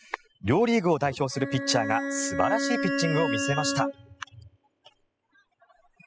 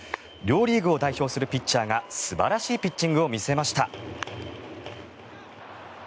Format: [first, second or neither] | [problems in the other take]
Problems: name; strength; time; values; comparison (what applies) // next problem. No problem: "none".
second | noise reduction (classical method spectral subtraction)